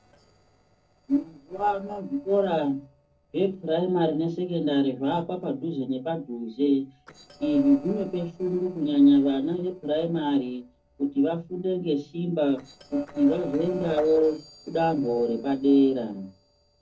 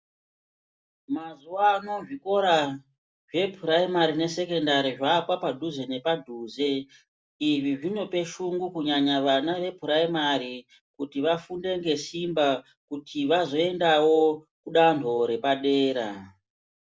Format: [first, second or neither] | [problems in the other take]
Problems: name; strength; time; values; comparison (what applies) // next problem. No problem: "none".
second | noise reduction (neural separator model SepFormer DNS4)